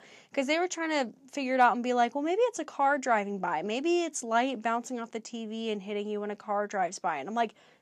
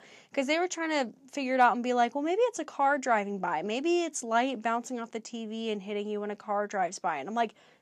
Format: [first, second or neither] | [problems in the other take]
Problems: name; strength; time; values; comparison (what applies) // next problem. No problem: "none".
neither | none